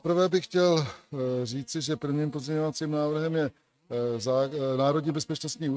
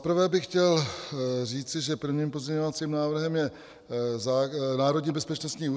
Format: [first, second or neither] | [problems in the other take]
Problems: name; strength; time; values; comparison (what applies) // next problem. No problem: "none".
second | noise reduction (neural mask model RNNoise)